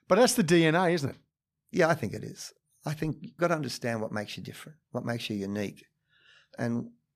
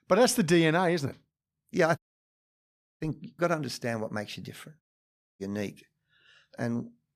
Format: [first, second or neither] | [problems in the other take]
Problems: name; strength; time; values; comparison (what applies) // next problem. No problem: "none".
first | audio cutting out; at 2 s for 1 s and at 5 s for 0.5 s